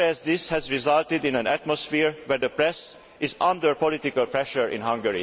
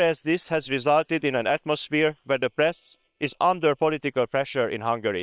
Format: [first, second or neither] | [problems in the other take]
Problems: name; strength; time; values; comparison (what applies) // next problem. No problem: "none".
first | noise reduction (neural separator model SepFormer WHAM!)